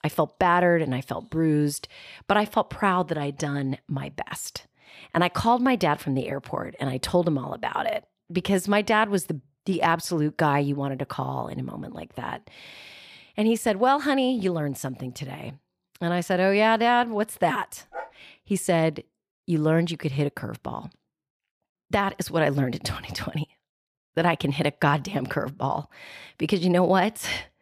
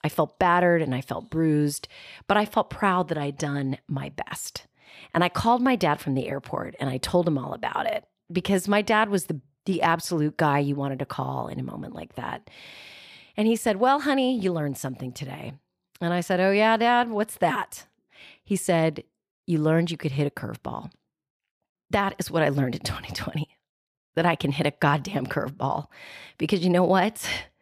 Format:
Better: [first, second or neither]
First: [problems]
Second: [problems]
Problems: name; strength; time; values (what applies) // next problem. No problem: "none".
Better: second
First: dog barking; faint; at 18 s; peak 15 dB below the speech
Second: none